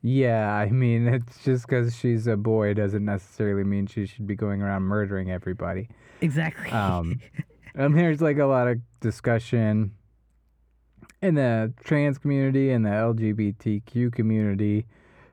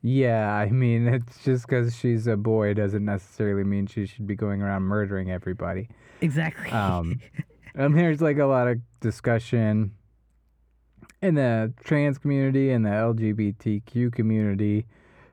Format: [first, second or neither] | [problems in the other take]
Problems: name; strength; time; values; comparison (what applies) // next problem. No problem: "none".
neither | muffled; very; fading above 3 kHz; the same in both